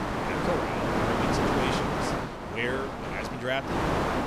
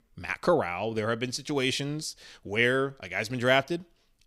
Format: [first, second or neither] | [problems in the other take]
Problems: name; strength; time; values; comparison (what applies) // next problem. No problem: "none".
second | wind noise on the microphone; heavy; 4 dB above the speech